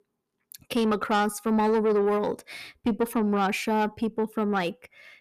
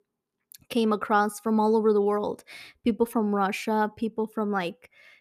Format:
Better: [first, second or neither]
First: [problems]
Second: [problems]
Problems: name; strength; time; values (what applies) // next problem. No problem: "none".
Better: second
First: distortion; slight; 10 dB below the speech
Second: none